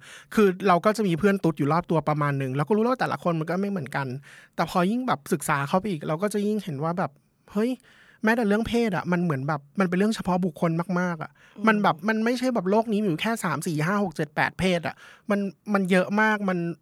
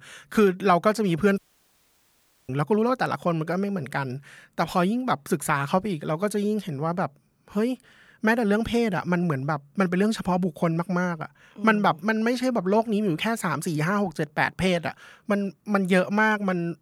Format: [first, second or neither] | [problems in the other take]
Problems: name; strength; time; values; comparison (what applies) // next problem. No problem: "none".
first | audio cutting out; at 1.5 s for 1 s